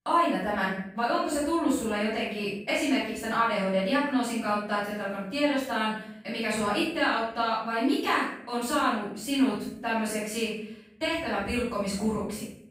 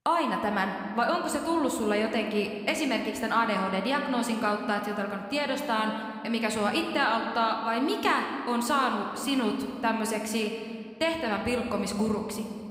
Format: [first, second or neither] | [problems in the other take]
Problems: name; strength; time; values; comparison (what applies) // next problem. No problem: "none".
second | room echo; strong; dies away in 0.6 s; slight in the second // off-mic speech; far